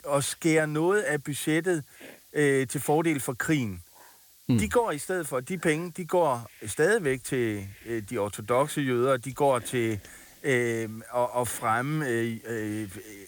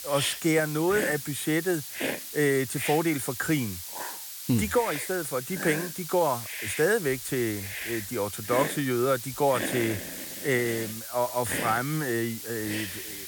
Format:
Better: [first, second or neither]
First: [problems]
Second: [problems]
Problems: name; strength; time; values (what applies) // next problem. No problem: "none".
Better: first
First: hiss; faint; throughout; 25 dB below the speech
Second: hiss; loud; throughout; 6 dB below the speech